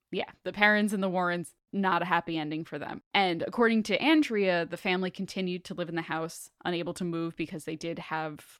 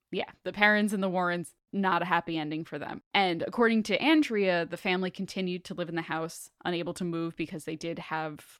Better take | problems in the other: neither | none

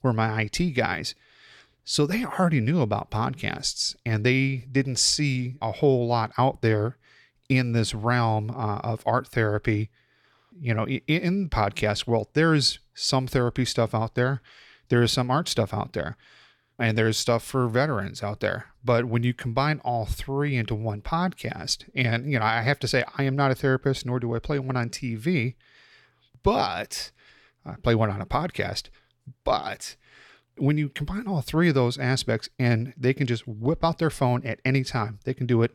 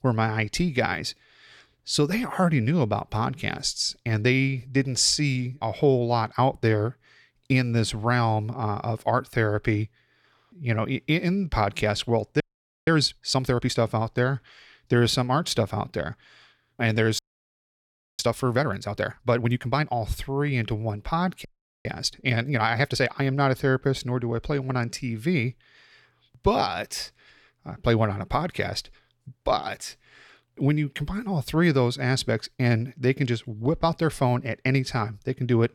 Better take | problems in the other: first | audio freezing; at 12 s, at 17 s for 1 s and at 21 s

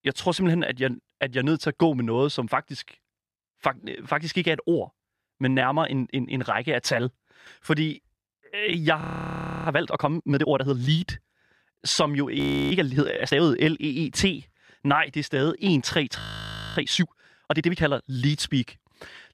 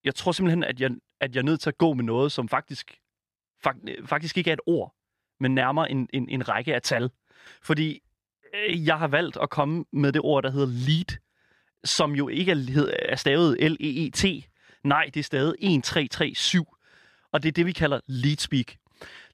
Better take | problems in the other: second | audio freezing; at 9 s for 0.5 s, at 12 s and at 16 s for 0.5 s

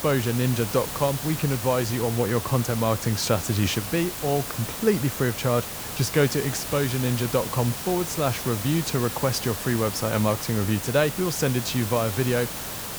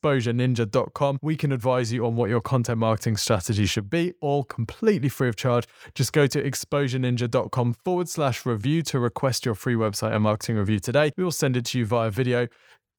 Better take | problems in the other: second | hiss; loud; throughout; 5 dB below the speech

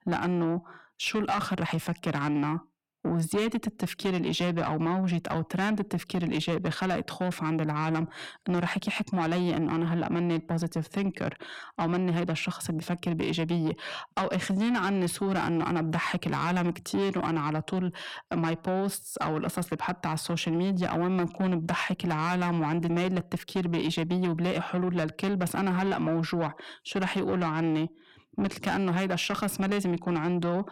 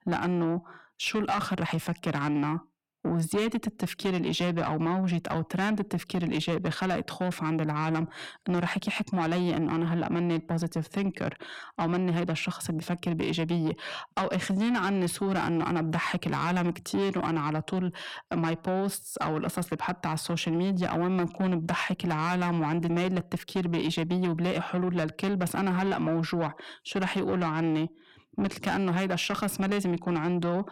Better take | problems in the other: neither | distortion; slight; 10 dB below the speech; the same in both

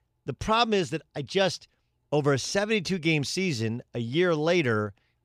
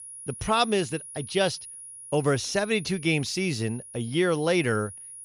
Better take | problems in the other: first | high-pitched whine; noticeable; throughout; 10.5 kHz, 15 dB below the speech

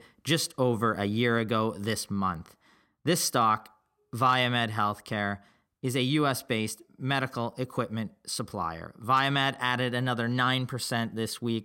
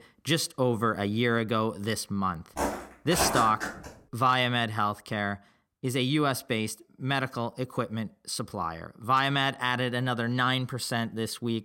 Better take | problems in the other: first | footsteps; loud; from 2.5 to 4 s; peak level with the speech

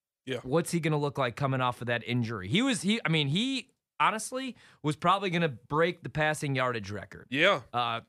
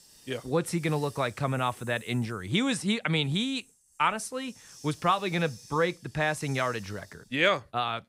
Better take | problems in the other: first | hiss; faint; throughout; 20 dB below the speech

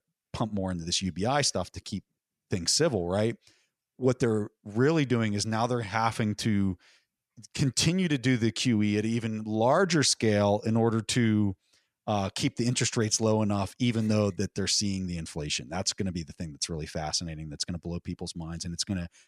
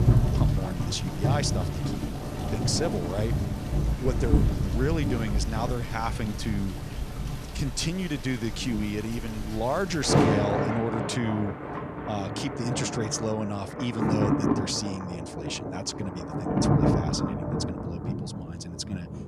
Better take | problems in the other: first | rain or running water; very loud; throughout; 2 dB above the speech

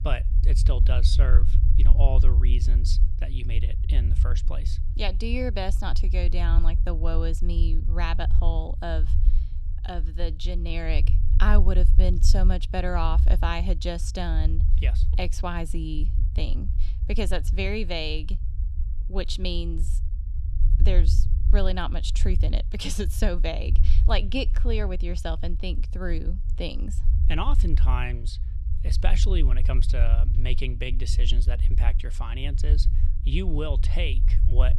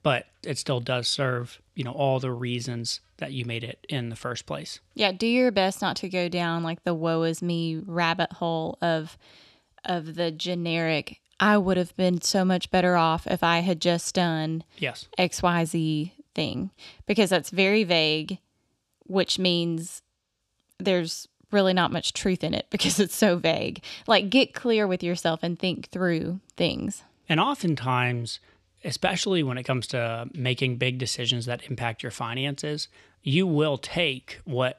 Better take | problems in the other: second | low rumble; noticeable; throughout; 10 dB below the speech

